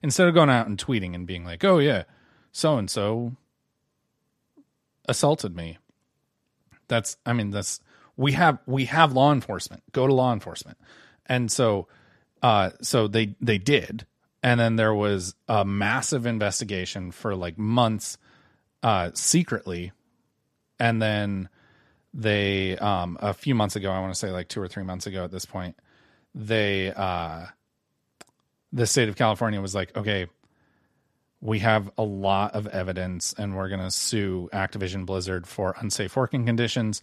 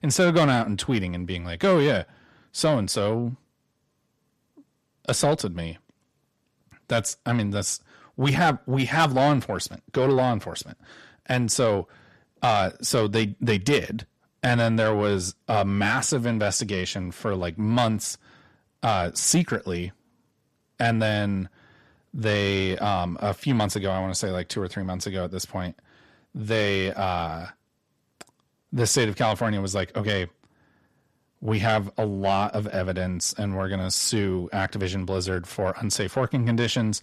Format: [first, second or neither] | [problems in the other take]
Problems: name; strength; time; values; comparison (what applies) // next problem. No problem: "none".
first | distortion; slight; 10 dB below the speech